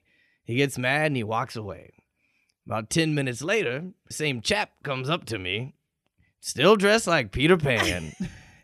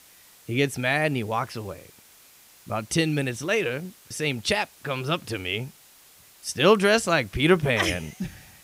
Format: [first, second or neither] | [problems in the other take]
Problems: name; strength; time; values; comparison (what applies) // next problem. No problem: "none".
first | hiss; faint; throughout; 25 dB below the speech